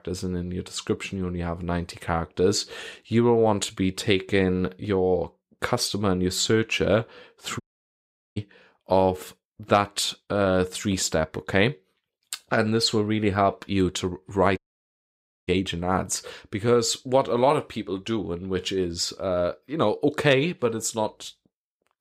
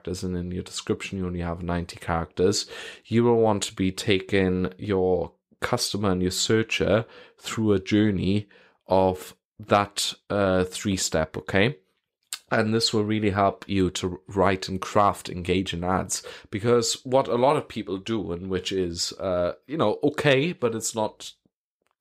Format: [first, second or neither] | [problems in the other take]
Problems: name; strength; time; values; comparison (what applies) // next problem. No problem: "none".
second | audio cutting out; at 7.5 s for 1 s and at 15 s for 1 s